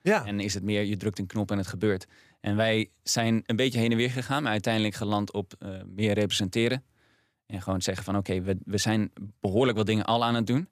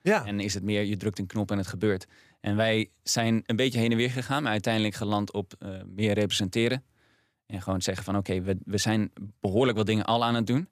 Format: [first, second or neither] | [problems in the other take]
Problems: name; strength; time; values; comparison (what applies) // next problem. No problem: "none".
neither | none